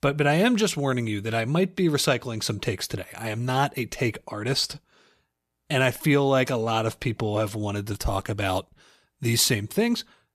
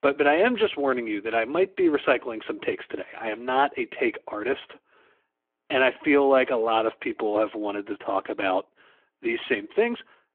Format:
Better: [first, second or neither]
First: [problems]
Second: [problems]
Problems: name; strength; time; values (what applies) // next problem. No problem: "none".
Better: first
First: none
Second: phone-call audio